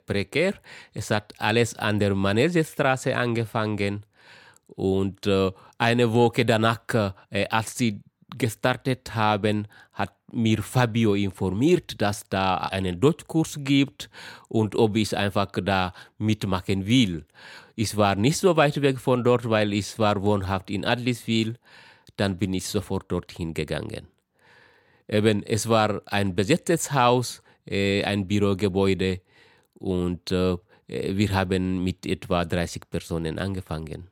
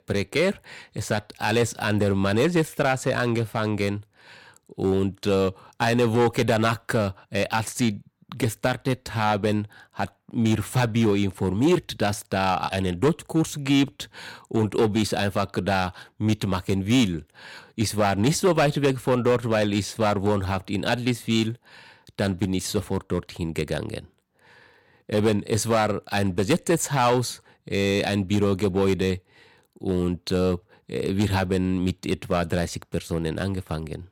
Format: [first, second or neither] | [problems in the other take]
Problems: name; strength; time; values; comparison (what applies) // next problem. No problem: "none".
first | distortion; slight; 4% of the sound clipped